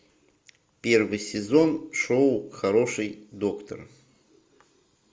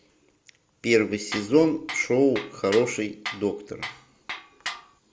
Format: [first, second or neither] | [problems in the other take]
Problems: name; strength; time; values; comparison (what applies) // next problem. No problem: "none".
first | background sound (Tools); 12 dB below the speech